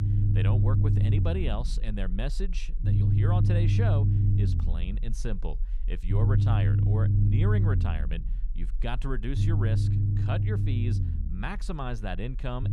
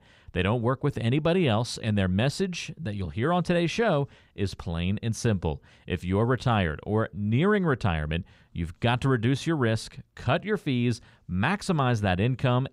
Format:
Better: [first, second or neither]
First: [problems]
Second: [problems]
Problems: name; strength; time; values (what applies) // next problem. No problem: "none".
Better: second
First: low rumble; loud; throughout; as loud as the speech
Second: none